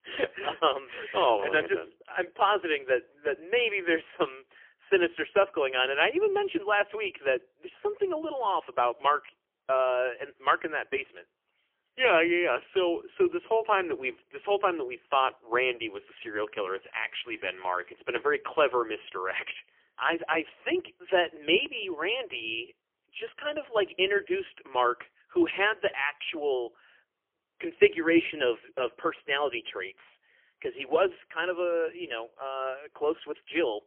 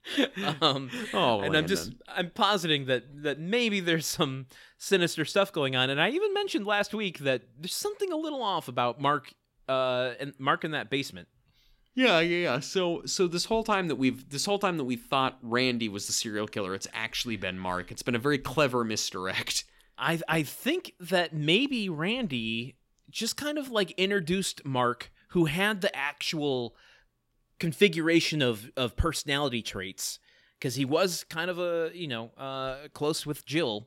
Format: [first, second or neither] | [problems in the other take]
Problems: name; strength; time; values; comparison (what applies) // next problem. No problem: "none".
second | phone-call audio; poor line; nothing above 3 kHz